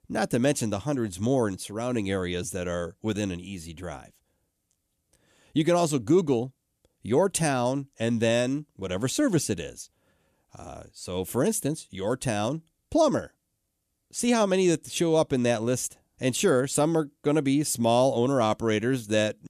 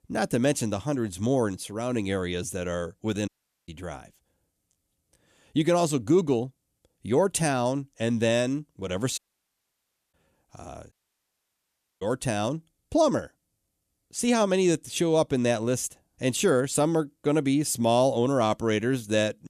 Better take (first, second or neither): first